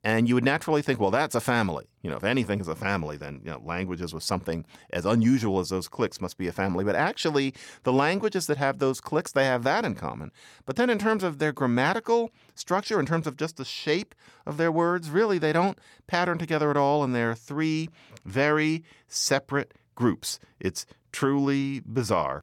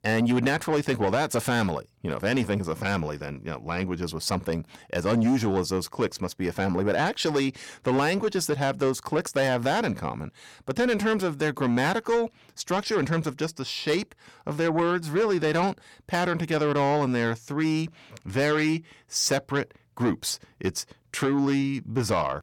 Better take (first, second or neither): first